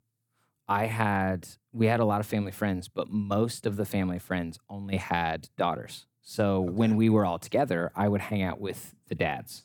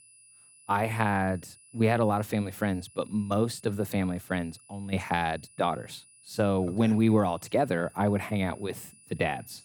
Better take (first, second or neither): first